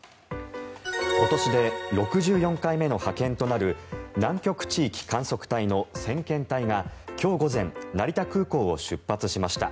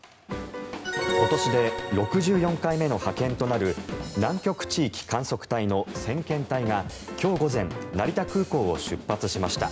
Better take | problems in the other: first | background sound (Drum / Drum kit); 13 dB below the speech

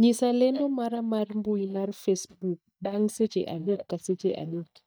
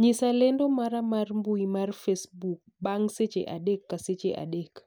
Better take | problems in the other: second | noise reduction (neural mask model DeepFilterNet 3)

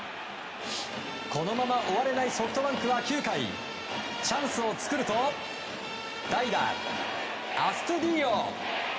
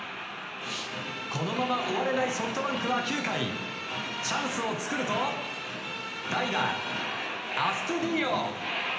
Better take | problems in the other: first | room echo; dies away in 0.9 s

